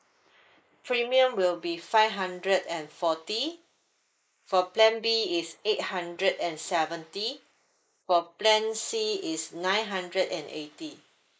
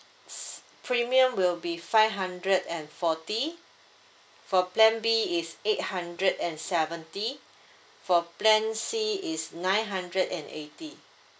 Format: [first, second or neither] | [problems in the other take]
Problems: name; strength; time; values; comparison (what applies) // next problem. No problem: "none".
second | noise reduction (neural mask model Resemble Enhance denoiser)